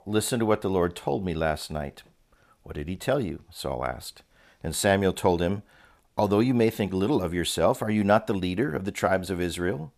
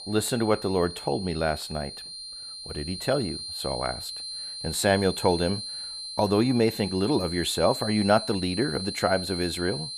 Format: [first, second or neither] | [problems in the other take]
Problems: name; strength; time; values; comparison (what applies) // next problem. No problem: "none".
first | high-pitched whine; loud; throughout; 4 kHz, 8 dB below the speech